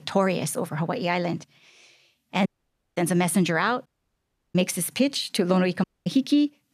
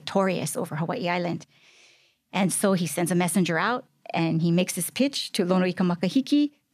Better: second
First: audio cutting out; at 2.5 s for 0.5 s, at 4 s for 0.5 s and at 6 s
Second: none

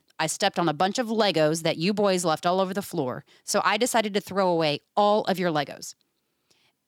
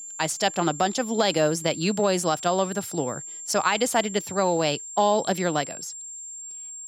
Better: first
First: none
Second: high-pitched whine; noticeable; throughout; 7.5 kHz, 10 dB below the speech

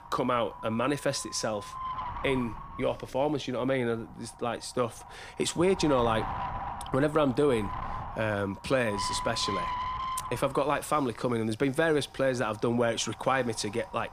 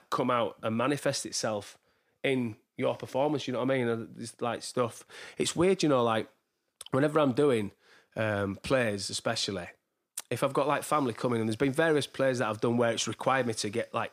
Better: second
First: wind noise on the microphone; heavy; 6 dB below the speech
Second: none

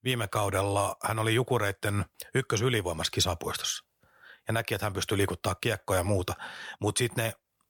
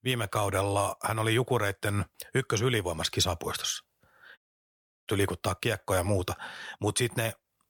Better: first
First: none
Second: audio cutting out; at 4.5 s for 0.5 s

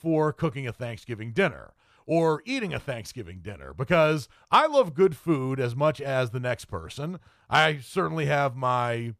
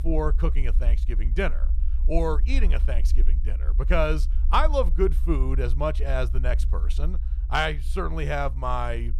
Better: first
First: none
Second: low rumble; faint; throughout; 20 dB below the speech

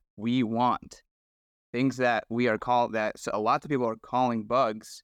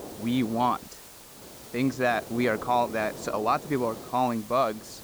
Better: first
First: none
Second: hiss; noticeable; throughout; 15 dB below the speech

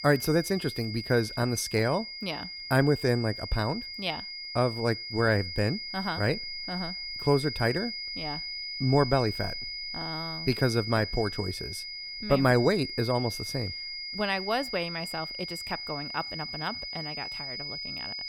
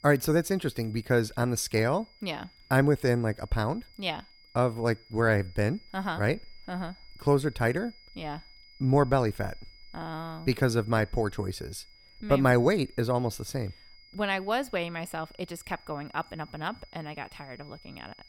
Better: second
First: high-pitched whine; loud; throughout; 5 kHz, 6 dB below the speech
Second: high-pitched whine; faint; throughout; 5 kHz, 25 dB below the speech

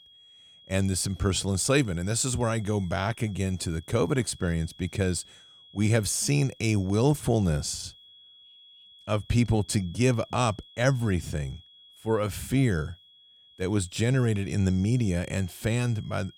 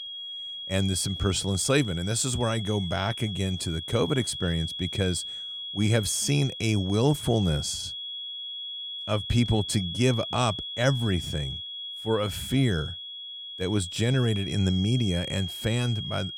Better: first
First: high-pitched whine; faint; throughout; 3.5 kHz, 25 dB below the speech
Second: high-pitched whine; loud; throughout; 3.5 kHz, 7 dB below the speech

